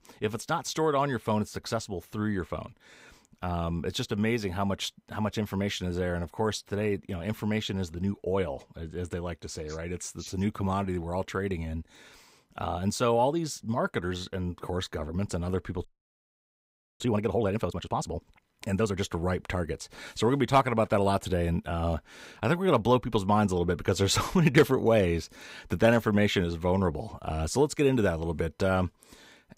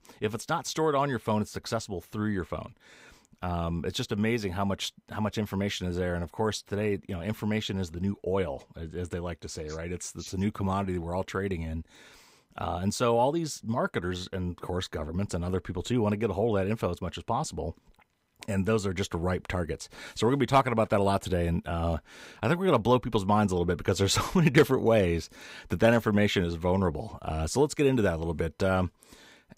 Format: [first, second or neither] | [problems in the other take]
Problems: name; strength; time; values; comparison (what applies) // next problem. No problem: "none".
second | audio freezing; at 16 s for 1 s